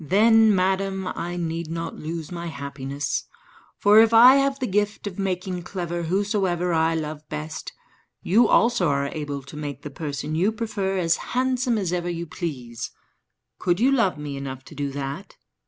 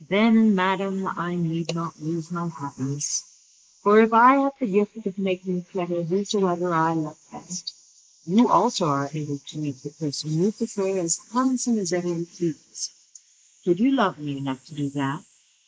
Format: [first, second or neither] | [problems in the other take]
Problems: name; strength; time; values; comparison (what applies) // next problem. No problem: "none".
first | noise reduction (neural mask model Resemble Enhance denoiser)